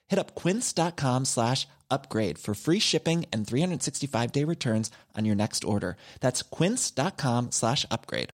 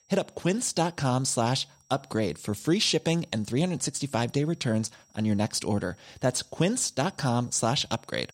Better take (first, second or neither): first